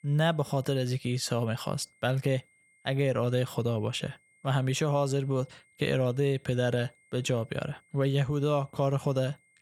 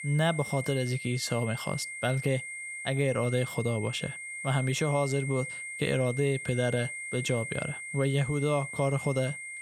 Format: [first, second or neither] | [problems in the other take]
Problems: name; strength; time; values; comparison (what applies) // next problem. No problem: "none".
first | high-pitched whine; loud; throughout; 2 kHz, 7 dB below the speech; faint in the first